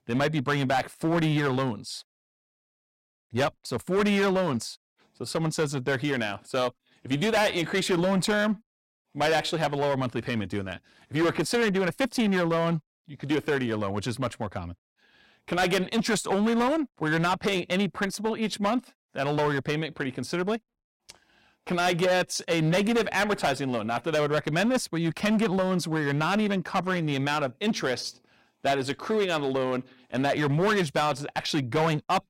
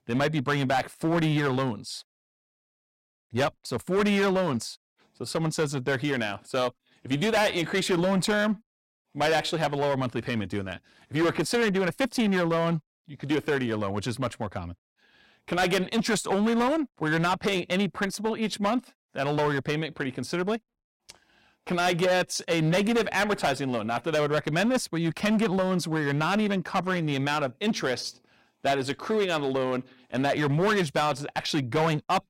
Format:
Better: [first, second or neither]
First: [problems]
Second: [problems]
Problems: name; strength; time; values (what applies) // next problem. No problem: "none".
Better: neither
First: distortion; heavy; 10% of the sound clipped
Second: distortion; heavy; 10% of the sound clipped